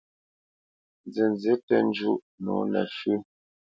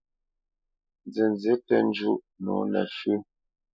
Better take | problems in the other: first | noise reduction (neural mask model Resemble Enhance denoiser)

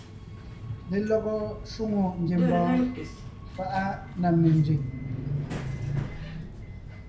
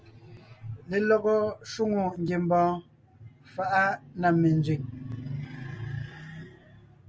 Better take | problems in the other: second | background sound (Subway, metro, underground); 7 dB below the speech // room echo; dies away in 0.5 s

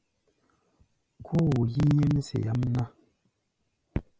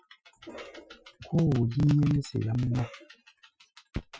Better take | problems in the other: first | noise reduction (classical method Wiener filter)

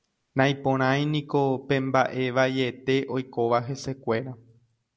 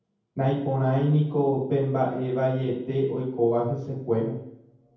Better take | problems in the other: first | room echo; dies away in 0.9 s

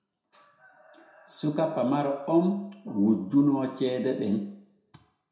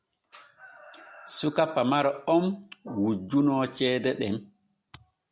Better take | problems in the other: second | room echo; dies away in 0.6 s

